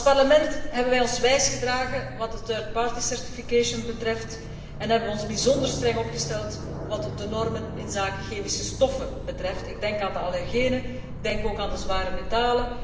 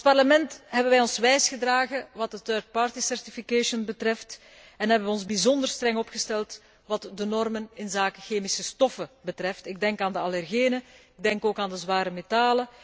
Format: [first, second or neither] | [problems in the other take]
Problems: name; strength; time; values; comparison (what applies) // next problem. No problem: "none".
second | background sound (Aircraft); 6 dB below the speech // room echo; dies away in 1.2 s